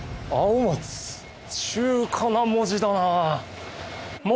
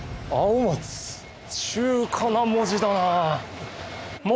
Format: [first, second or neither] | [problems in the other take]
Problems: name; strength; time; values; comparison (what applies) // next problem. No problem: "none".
first | background sound (Zipper (clothing)); 16 dB below the speech